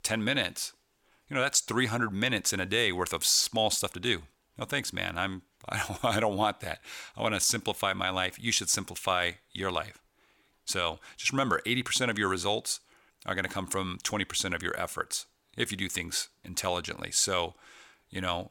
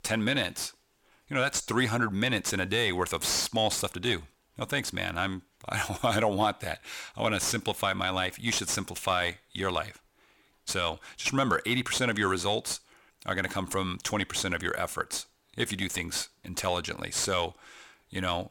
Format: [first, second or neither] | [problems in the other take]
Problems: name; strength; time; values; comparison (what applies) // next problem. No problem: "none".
first | distortion; slight; 10 dB below the speech